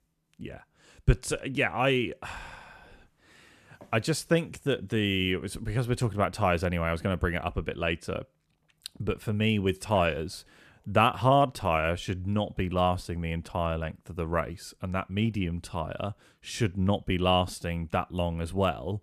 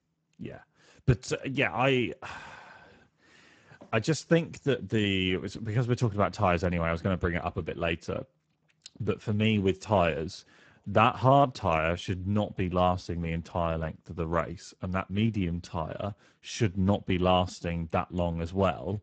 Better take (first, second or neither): first